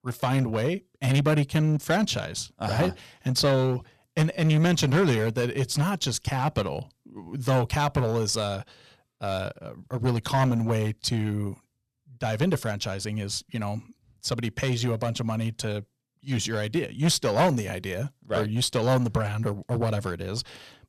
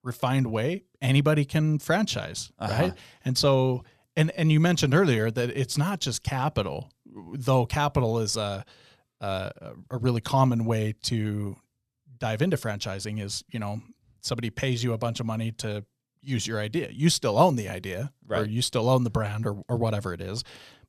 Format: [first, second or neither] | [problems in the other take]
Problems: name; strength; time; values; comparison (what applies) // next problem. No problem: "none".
second | distortion; slight; 5% of the sound clipped